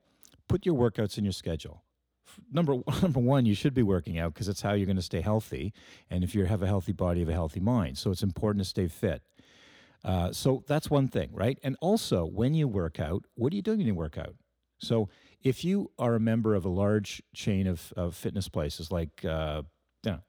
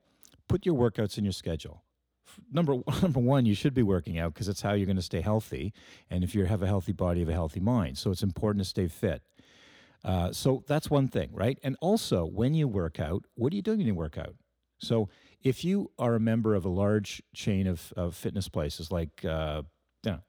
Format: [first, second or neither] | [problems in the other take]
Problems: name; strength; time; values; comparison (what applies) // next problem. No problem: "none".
neither | none